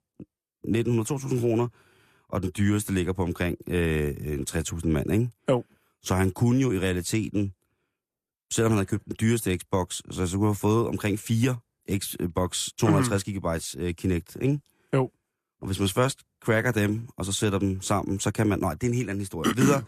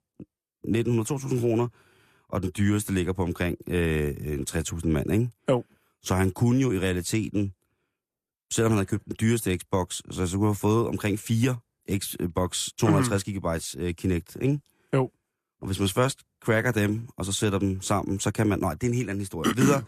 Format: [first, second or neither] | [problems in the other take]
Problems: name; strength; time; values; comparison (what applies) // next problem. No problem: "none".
neither | none